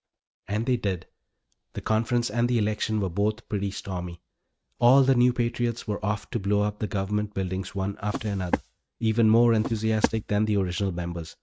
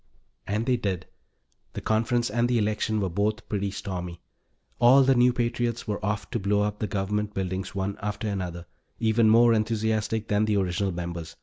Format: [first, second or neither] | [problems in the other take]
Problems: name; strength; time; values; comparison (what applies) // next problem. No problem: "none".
second | noise reduction (neural mask model RNNoise)